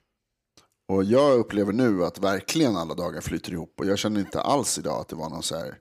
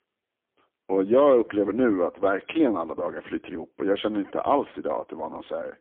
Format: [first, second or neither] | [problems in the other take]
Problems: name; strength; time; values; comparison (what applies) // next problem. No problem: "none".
first | phone-call audio; poor line; nothing above 3.5 kHz